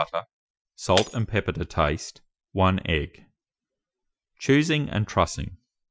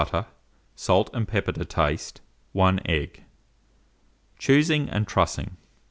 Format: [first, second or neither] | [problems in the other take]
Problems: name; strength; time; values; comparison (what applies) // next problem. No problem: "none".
second | noise reduction (classical method Wiener filter)